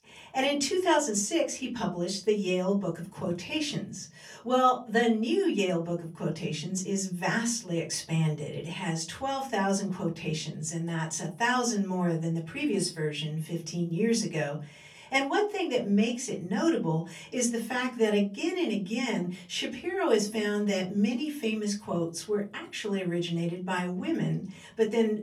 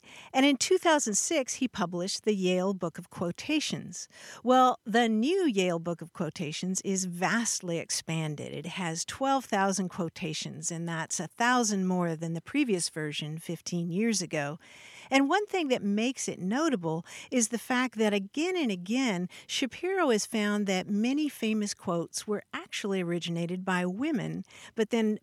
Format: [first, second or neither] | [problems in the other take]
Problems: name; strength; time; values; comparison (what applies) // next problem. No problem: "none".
second | off-mic speech; far // room echo; very slight; dies away in 0.4 s